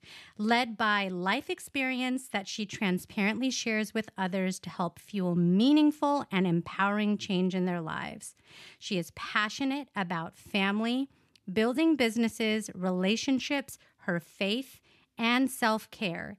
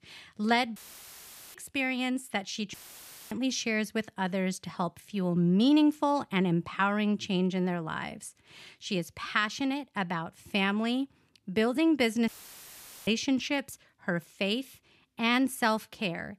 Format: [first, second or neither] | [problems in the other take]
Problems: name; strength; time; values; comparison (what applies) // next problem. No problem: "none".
first | audio cutting out; filled with static; at 1 s for 1 s, at 2.5 s for 0.5 s and at 12 s for 1 s